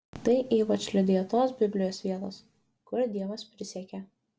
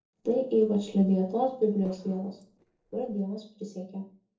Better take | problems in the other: first | noise reduction (neural separator model SepFormer DNS4)

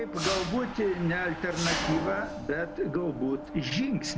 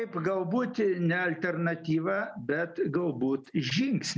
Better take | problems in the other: second | background sound (Mechanisms); 6 dB below the speech

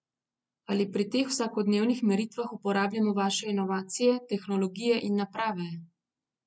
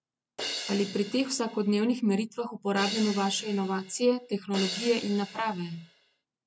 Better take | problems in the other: first | background sound (Crash cymbal); 11 dB below the speech

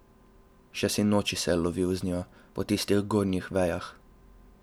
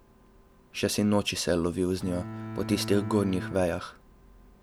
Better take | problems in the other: first | background sound (Bowed string instrument); 8 dB below the speech

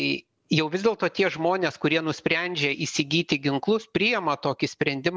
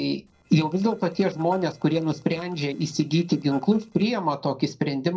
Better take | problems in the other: first | noise reduction (neural separator model SepFormer DNS4)

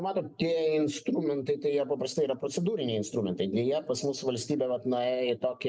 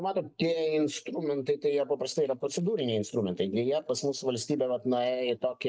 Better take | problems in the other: first | noise reduction (neural mask model DeepFilterNet 3)

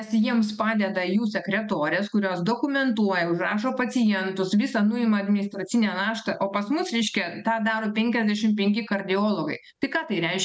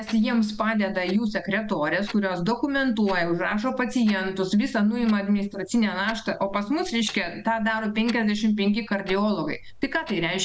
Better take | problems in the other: first | background sound (Clock); 18 dB below the speech

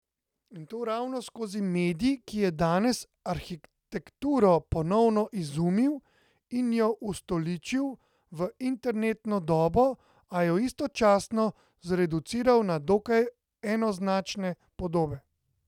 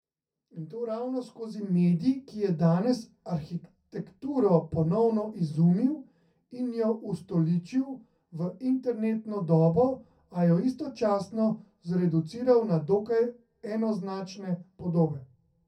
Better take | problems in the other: first | room echo; dies away in 0.3 s

